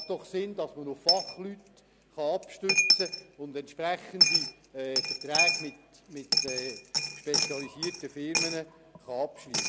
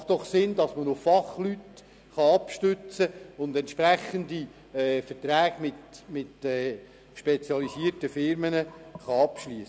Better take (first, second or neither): second